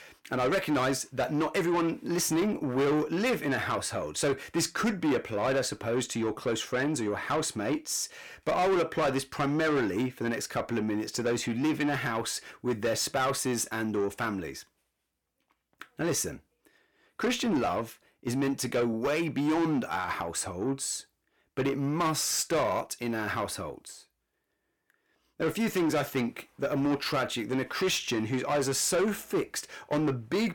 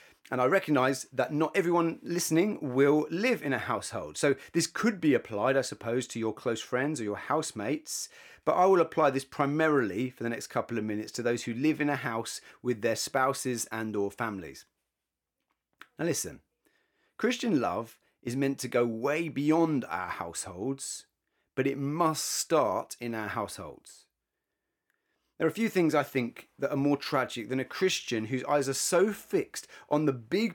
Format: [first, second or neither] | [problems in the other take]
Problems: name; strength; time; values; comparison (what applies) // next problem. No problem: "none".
second | distortion; heavy; 8 dB below the speech